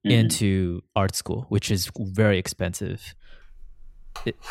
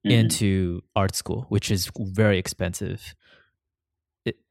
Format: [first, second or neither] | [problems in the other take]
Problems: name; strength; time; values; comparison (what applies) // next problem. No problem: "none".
second | household noises; faint; from 3 s on; 20 dB below the speech